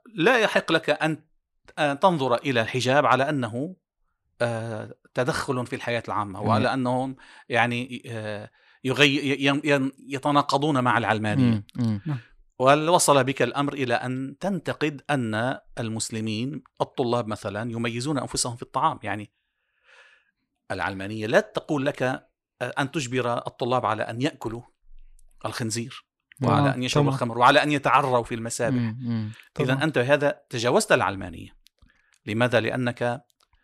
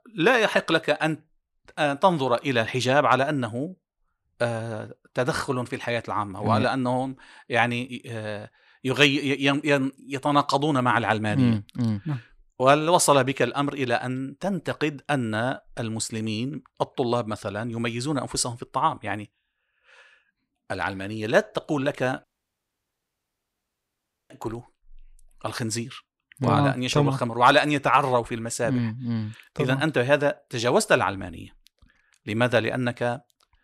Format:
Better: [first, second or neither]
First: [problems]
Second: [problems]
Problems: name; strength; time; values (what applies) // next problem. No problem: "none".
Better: first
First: none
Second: audio cutting out; at 22 s for 2 s